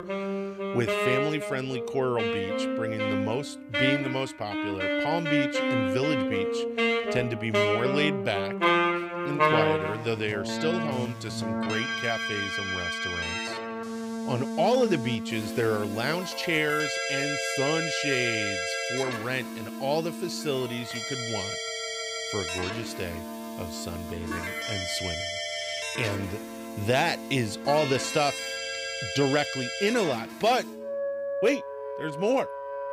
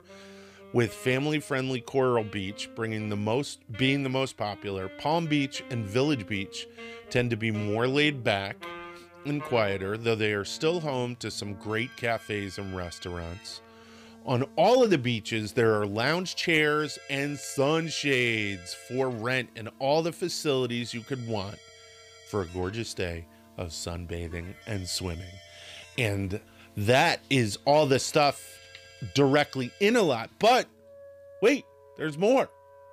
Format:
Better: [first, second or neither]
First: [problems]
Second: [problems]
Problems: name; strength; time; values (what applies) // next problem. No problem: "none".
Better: second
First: background music; loud; throughout; as loud as the speech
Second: background music; faint; throughout; 20 dB below the speech